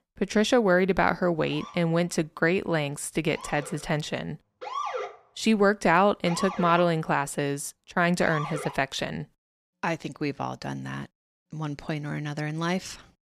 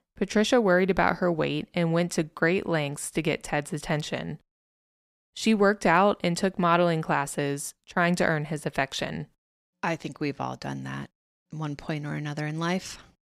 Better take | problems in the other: second | siren; noticeable; from 1.5 to 9 s; peak 5 dB below the speech

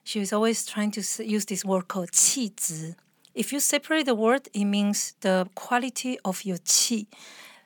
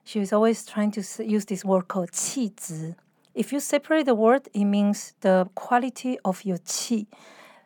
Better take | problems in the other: first | muffled; slightly; fading above 2 kHz

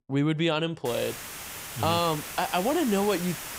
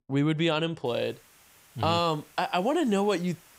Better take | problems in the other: second | hiss; loud; from 1 s on; 9 dB below the speech; faint in the second

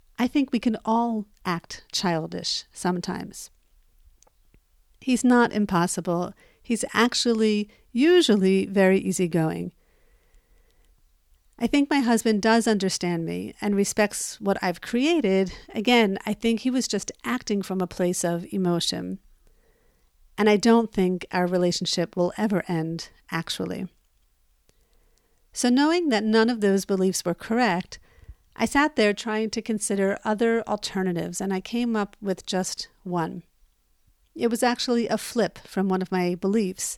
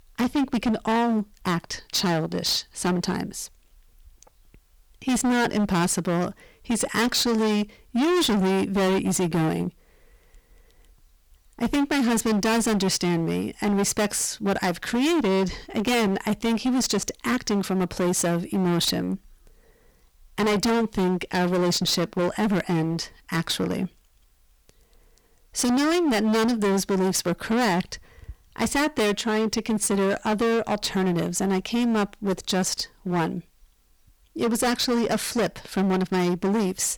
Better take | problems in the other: first | distortion; heavy; 21% of the sound clipped

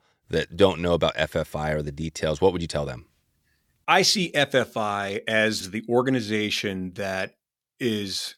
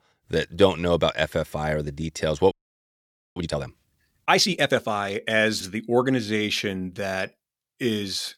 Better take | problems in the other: first | audio freezing; at 2.5 s for 1 s

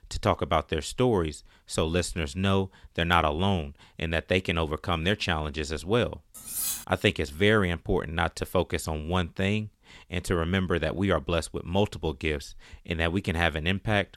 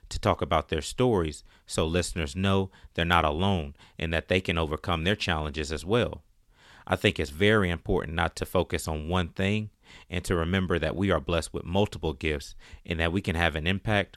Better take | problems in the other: second | clattering dishes; noticeable; at 6.5 s; peak 1 dB below the speech

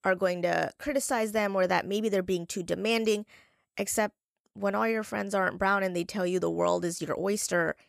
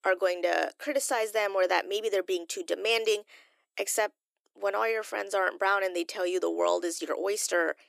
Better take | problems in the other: first | thin; very; fading below 300 Hz

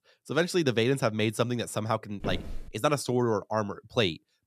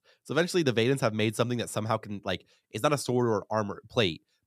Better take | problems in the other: second | footsteps; noticeable; at 2 s; peak 9 dB below the speech

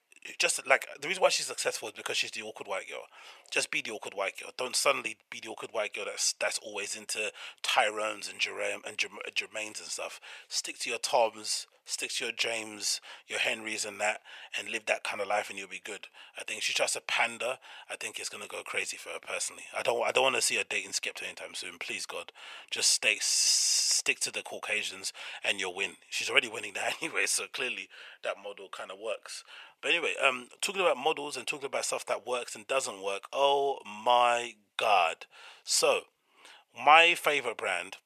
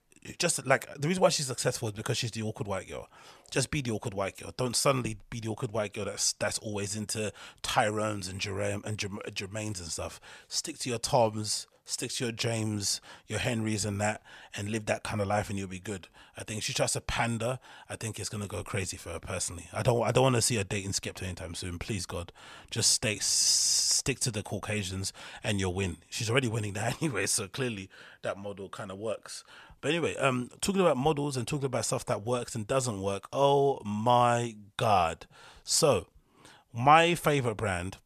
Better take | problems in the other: second | thin; very; fading below 550 Hz

